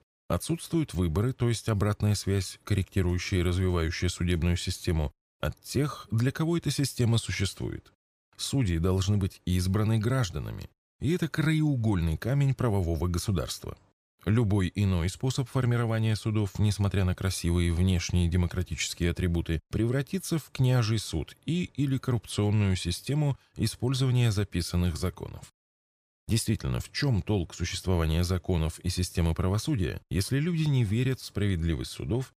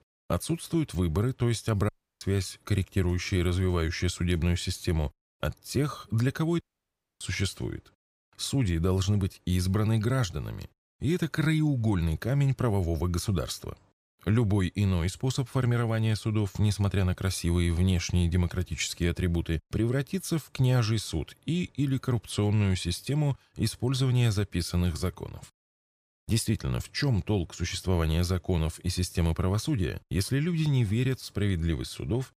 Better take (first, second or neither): first